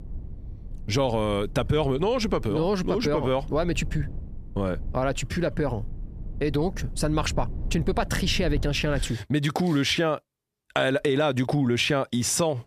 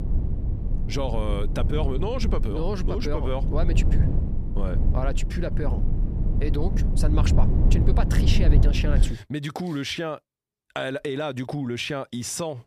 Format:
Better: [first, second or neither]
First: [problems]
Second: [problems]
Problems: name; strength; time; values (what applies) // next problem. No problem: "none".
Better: first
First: low rumble; faint; until 9 s; 25 dB below the speech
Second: low rumble; loud; until 9 s; 7 dB below the speech